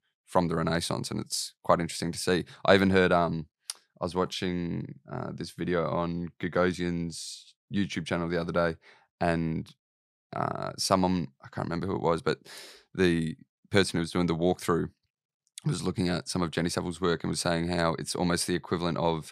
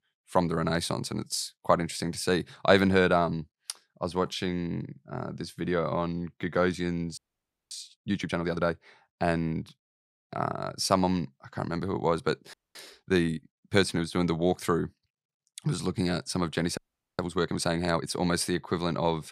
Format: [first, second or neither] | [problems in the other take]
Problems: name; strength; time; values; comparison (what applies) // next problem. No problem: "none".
first | audio freezing; at 7 s for 0.5 s, at 13 s and at 17 s